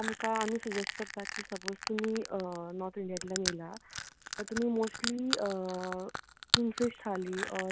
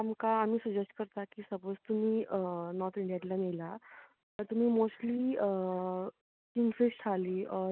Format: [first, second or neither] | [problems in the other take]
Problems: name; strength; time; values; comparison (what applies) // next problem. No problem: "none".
second | background sound (Crushing); 4 dB below the speech